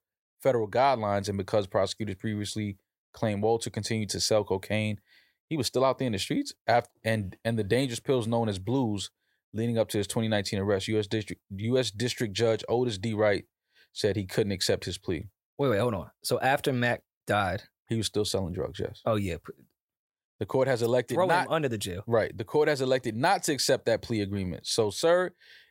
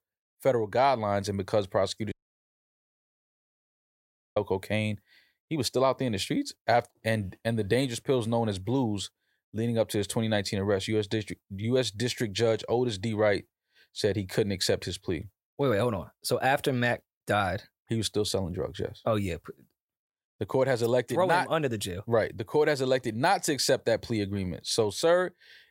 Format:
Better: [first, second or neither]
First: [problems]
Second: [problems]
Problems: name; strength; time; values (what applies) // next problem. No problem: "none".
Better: first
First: none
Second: audio cutting out; at 2 s for 2 s